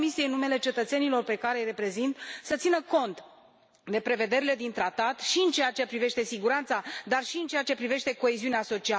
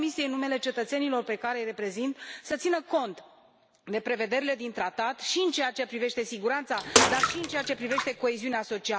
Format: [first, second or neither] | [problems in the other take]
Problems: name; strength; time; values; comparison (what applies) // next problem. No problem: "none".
first | background sound (Bathtub (filling or washing) / Water / Splash, splatter); 2 dB above the speech